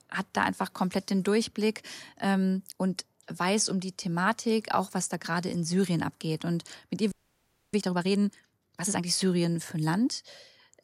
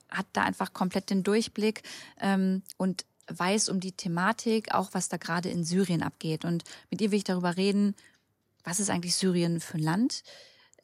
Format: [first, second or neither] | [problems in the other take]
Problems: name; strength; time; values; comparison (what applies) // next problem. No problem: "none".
second | audio freezing; at 7 s for 0.5 s